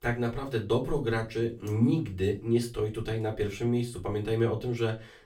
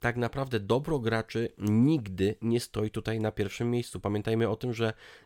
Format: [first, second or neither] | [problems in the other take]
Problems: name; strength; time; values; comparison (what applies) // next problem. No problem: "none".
second | off-mic speech; far // room echo; very slight; dies away in 0.2 s